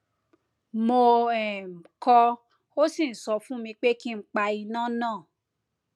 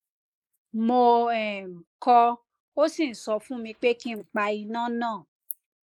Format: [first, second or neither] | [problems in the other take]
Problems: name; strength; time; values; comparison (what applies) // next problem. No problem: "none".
first | noise reduction (neural mask model Resemble Enhance denoiser)